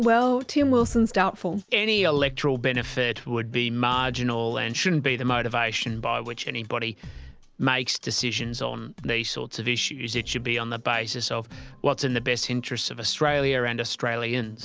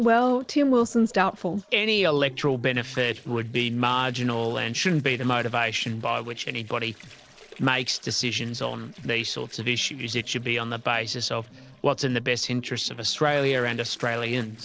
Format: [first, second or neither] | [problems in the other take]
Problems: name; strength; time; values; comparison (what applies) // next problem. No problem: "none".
first | noise reduction (neural separator model SepFormer DNS4)